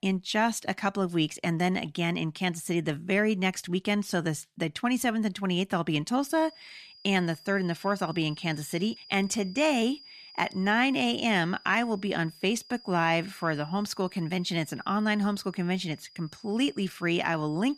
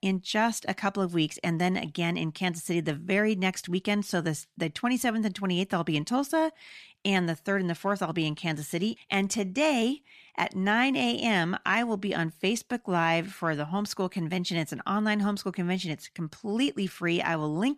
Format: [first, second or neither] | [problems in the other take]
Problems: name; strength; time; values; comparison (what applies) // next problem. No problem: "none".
second | high-pitched whine; faint; from 6 s on; 5 kHz, 20 dB below the speech